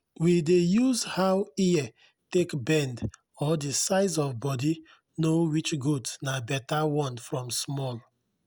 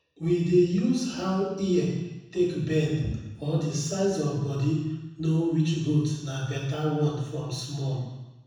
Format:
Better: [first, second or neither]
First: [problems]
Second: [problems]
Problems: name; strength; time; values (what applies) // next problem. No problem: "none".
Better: first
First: none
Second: room echo; dies away in 1.1 s